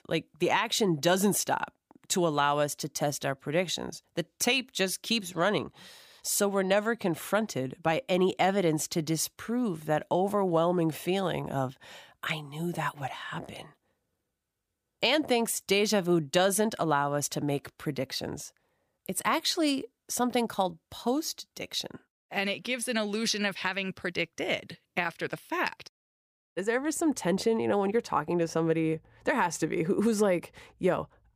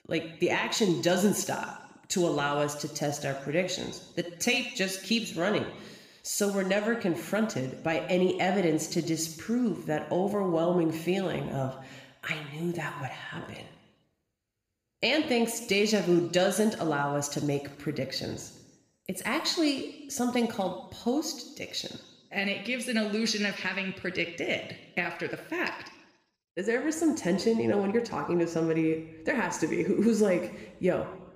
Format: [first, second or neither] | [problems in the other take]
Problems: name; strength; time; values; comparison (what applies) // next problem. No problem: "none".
first | room echo; slight; dies away in 0.9 s